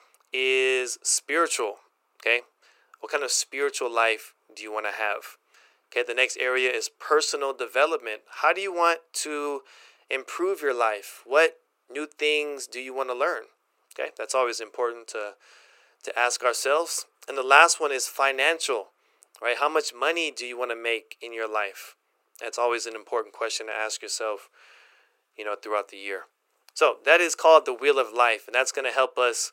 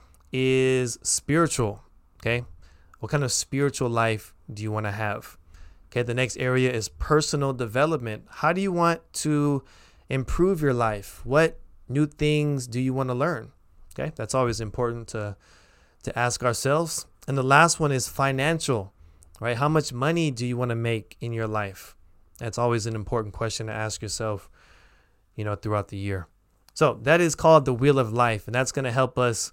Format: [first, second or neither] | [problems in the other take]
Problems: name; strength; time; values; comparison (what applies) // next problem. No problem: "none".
second | thin; very; fading below 400 Hz